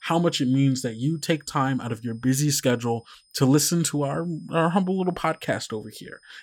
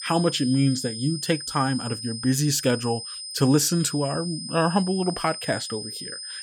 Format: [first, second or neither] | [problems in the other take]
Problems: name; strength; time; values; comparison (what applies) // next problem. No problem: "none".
first | high-pitched whine; loud; throughout; 5 kHz, 8 dB below the speech; faint in the first